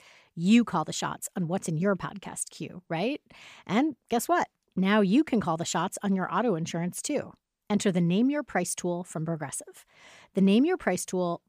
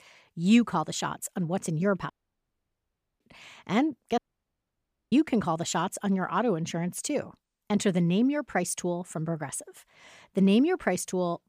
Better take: first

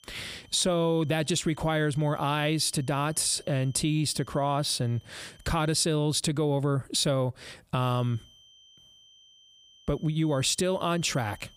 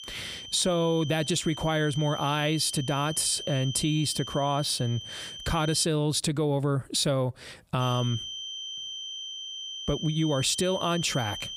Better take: first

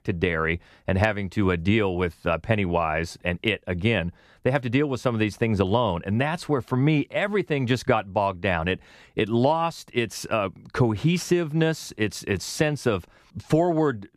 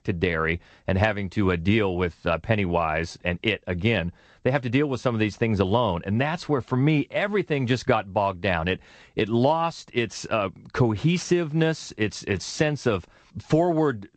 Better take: first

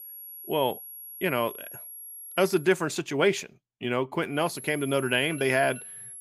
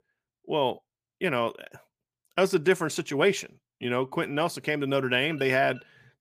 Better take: second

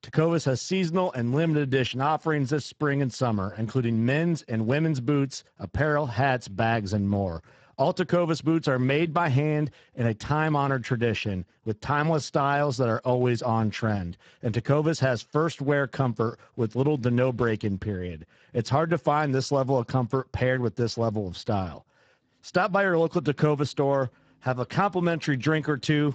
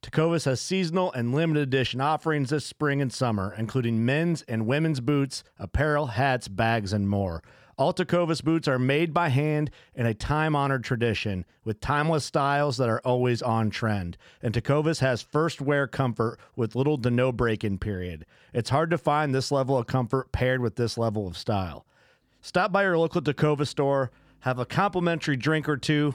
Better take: second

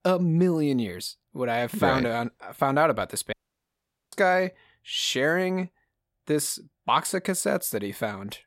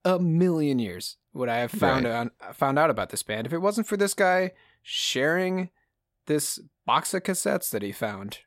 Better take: second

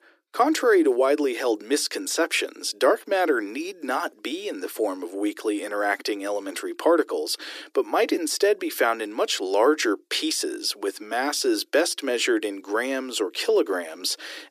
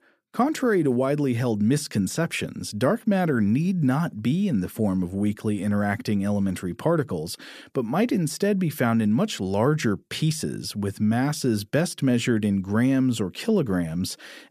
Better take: second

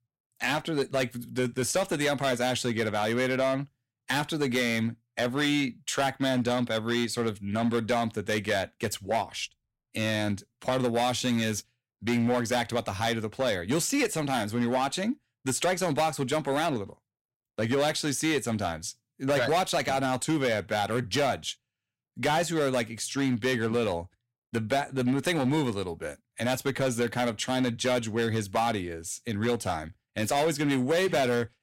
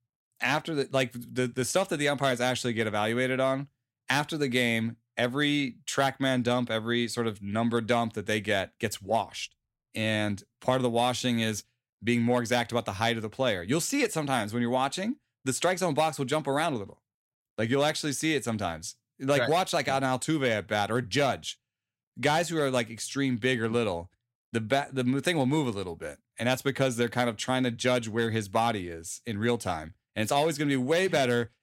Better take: second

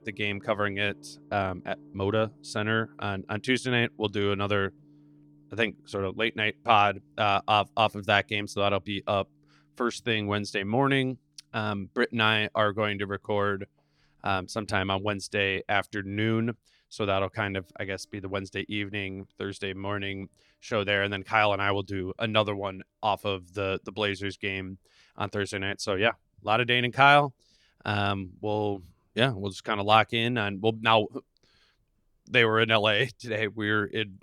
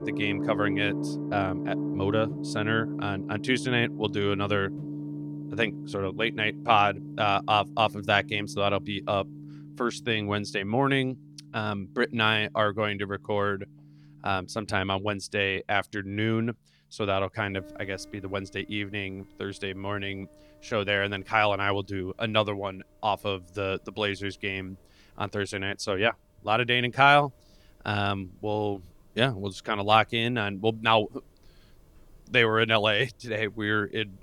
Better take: first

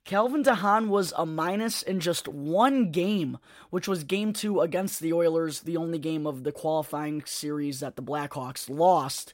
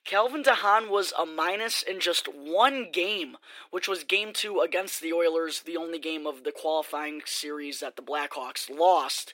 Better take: first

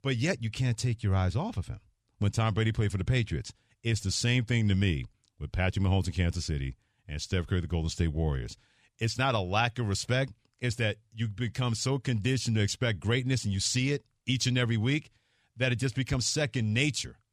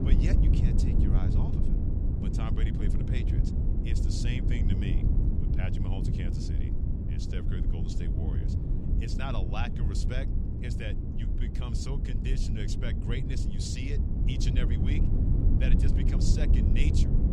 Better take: first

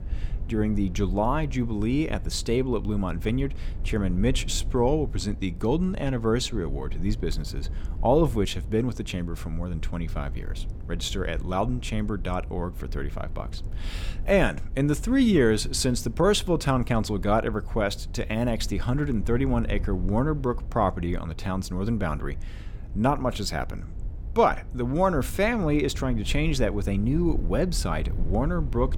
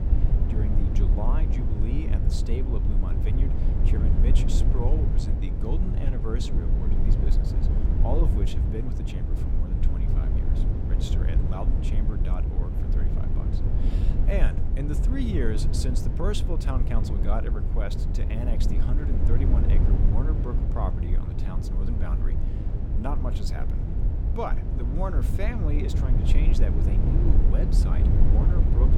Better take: first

